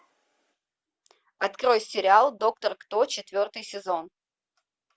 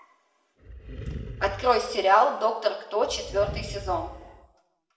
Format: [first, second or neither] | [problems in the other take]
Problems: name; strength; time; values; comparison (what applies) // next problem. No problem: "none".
first | background sound (Animal); 11 dB below the speech // room echo; dies away in 0.9 s